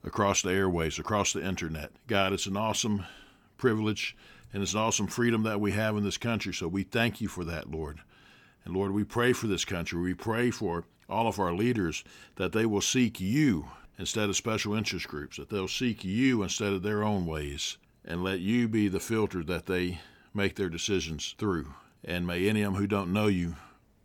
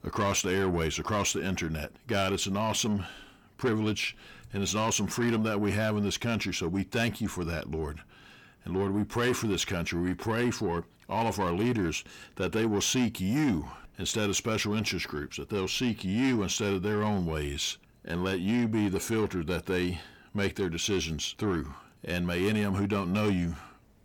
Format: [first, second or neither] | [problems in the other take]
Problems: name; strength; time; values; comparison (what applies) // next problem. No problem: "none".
first | distortion; slight; 10 dB below the speech